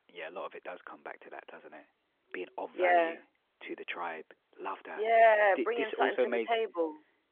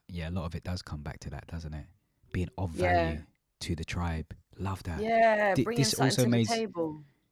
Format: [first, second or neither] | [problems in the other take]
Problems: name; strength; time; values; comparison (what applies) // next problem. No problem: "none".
second | phone-call audio